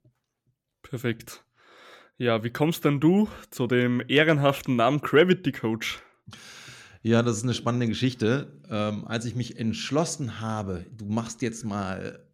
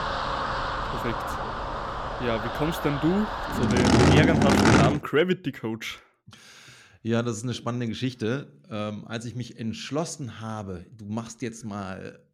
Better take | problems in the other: first | traffic noise; very loud; until 5 s; 5 dB above the speech

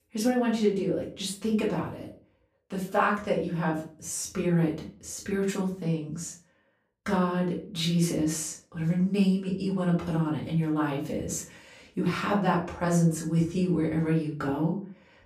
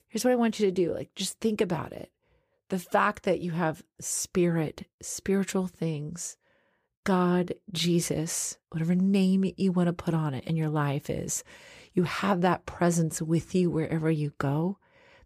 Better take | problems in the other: second | off-mic speech; far // room echo; slight; dies away in 0.3 s

